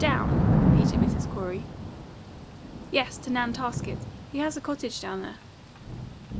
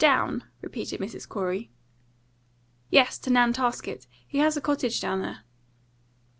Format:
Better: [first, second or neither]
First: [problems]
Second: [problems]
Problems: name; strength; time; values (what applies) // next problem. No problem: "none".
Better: second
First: background sound (Thunder / Rain); 5 dB above the speech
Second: none